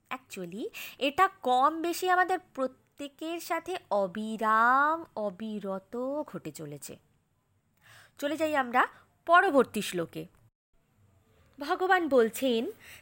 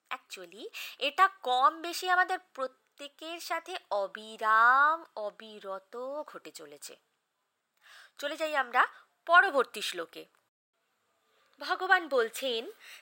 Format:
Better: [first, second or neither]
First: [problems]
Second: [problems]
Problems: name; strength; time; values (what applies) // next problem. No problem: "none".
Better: first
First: none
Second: thin; somewhat; fading below 500 Hz